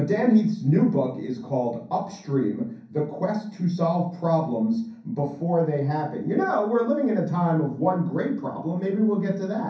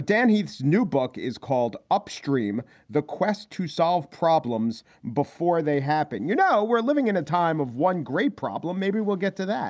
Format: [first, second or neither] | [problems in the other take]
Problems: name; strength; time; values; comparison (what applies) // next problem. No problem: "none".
second | room echo; dies away in 0.6 s